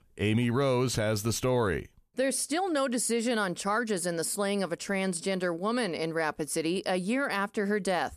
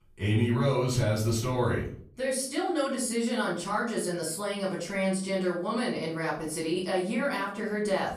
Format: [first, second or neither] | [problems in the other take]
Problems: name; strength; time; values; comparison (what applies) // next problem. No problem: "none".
first | off-mic speech; far // room echo; slight; dies away in 0.5 s